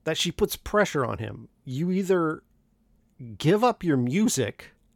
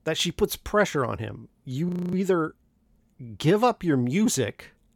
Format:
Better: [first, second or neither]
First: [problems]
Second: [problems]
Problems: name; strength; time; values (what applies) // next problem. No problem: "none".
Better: first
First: none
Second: audio freezing; at 2 s